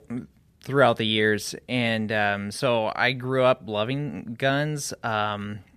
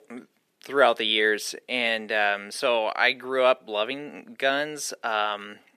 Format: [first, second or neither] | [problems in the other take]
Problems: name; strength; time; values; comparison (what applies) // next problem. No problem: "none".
first | thin; somewhat; fading below 350 Hz